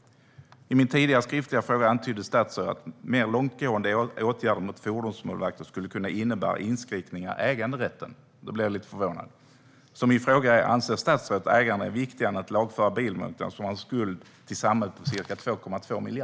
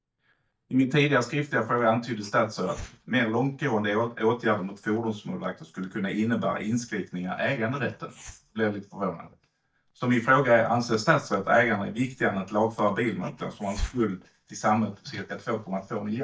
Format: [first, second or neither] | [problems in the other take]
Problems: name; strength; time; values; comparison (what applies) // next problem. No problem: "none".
first | noise reduction (neural mask model DeepFilterNet 3)